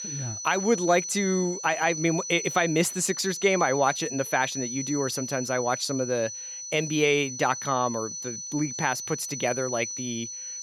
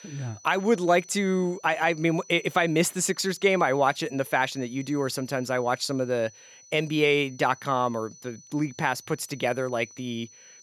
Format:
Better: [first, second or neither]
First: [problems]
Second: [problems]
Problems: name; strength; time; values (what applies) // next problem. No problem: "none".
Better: second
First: high-pitched whine; loud; throughout; 6 kHz, 6 dB below the speech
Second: high-pitched whine; faint; throughout; 6 kHz, 20 dB below the speech